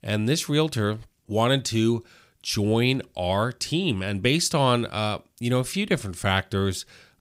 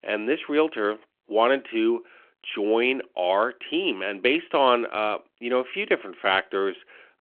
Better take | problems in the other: first | phone-call audio

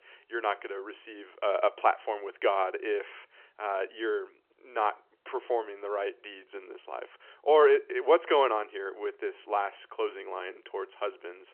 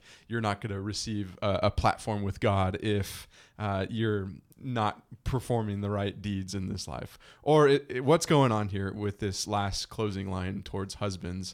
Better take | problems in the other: second | phone-call audio; nothing above 3 kHz

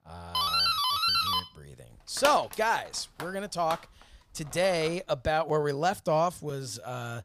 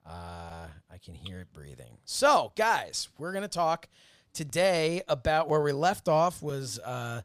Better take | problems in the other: second | doorbell; loud; until 5 s; peak 5 dB above the speech

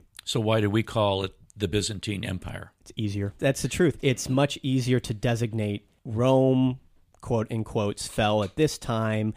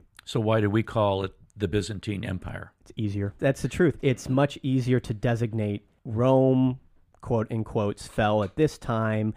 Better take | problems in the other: first | muffled; slightly; fading above 2.5 kHz

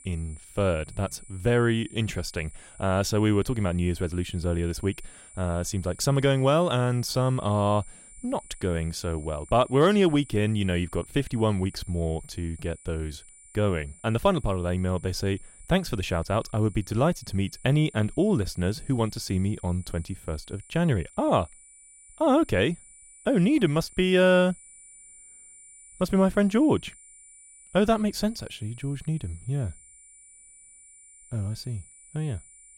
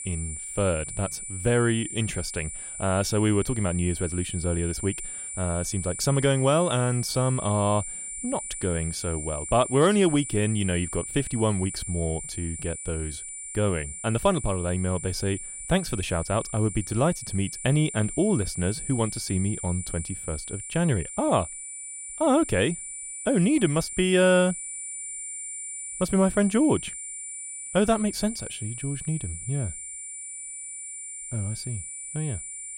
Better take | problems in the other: first | high-pitched whine; loud; throughout; 9 kHz, 7 dB below the speech; faint in the first

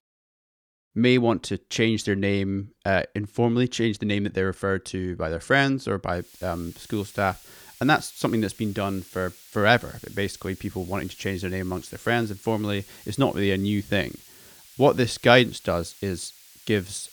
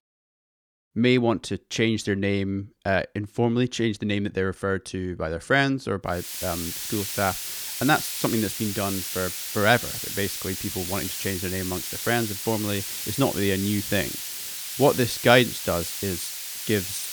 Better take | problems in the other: first | hiss; loud; from 6 s on; 4 dB below the speech; faint in the first

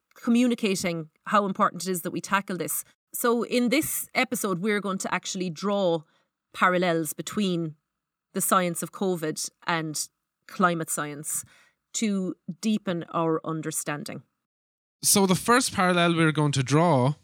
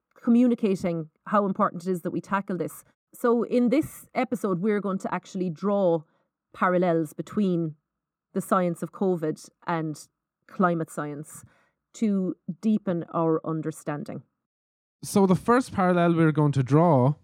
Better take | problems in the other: first | muffled; slightly; fading above 1.5 kHz

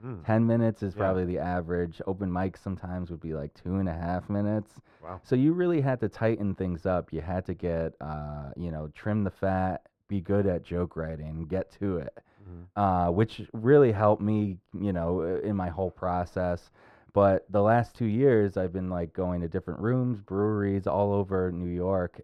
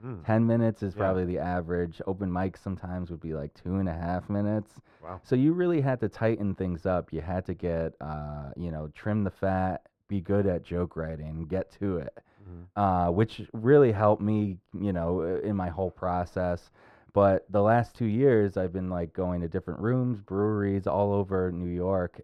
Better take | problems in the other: neither | muffled; very; fading above 2.5 kHz; the same in both

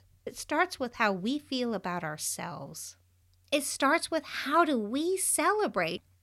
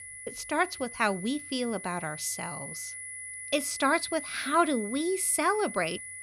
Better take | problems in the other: first | high-pitched whine; loud; throughout; 2 kHz, 9 dB below the speech

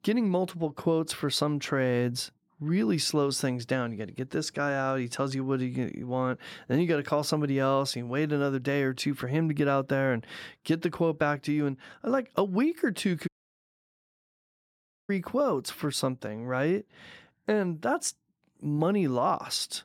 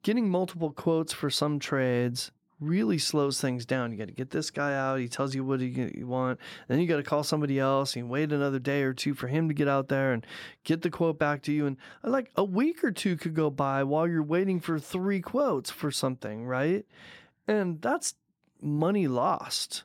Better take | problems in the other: second | audio cutting out; at 13 s for 2 s

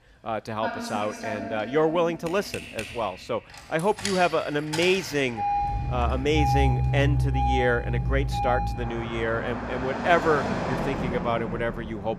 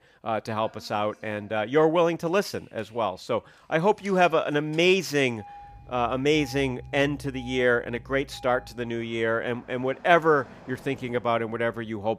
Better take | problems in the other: second | traffic noise; loud; throughout; 2 dB below the speech; faint in the second

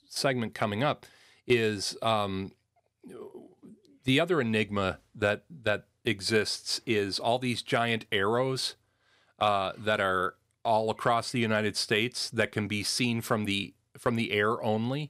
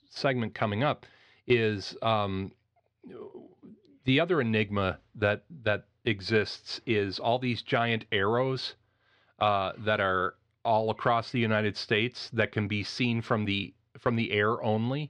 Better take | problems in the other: first | muffled; very slightly; fading above 4 kHz

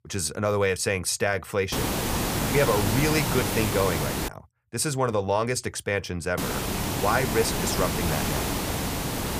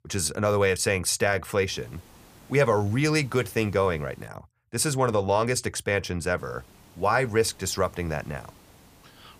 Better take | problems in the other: second | hiss; loud; from 1.5 to 4.5 s and from 6.5 s on; 1 dB below the speech; faint in the second

